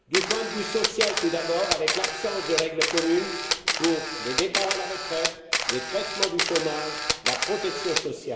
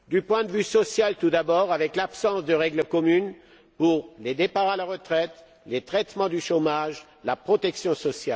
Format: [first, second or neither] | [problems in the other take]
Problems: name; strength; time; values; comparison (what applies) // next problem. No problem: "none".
second | background sound (Camera); as loud as the speech // room echo; dies away in 2.1 s